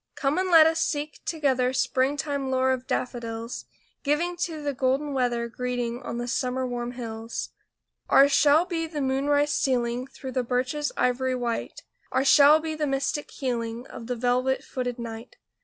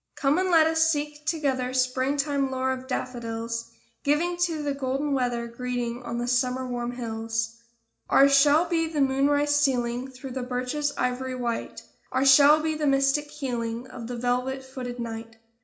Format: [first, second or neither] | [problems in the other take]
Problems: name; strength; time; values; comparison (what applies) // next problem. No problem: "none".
first | room echo; dies away in 0.4 s